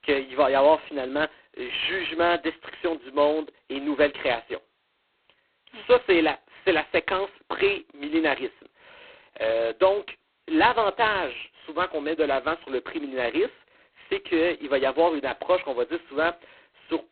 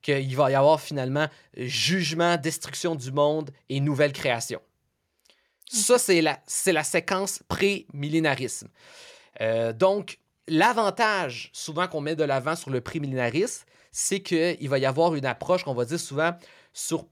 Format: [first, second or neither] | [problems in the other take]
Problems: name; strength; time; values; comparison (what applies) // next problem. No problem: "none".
second | phone-call audio; poor line; nothing above 4 kHz